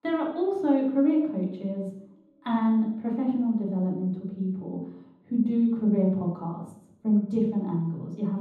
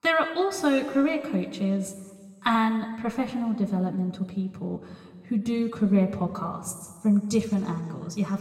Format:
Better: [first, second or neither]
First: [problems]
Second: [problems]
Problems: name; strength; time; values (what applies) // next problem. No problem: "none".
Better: second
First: room echo; strong; dies away in 0.9 s // off-mic speech; far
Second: room echo; slight; dies away in 1.4 s // off-mic speech; somewhat distant